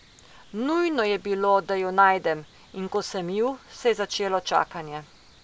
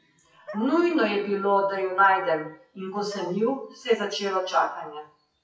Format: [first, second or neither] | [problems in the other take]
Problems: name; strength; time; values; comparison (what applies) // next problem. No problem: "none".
first | noise reduction (classical method WPE with log-MMSE)